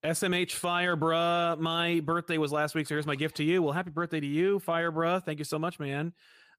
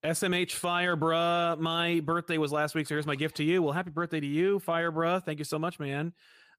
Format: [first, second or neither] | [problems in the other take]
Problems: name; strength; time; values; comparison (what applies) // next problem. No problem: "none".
neither | none